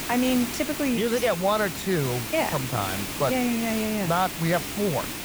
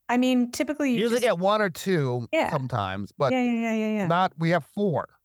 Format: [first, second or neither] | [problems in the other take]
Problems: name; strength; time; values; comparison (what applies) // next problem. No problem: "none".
second | hiss; loud; throughout; 5 dB below the speech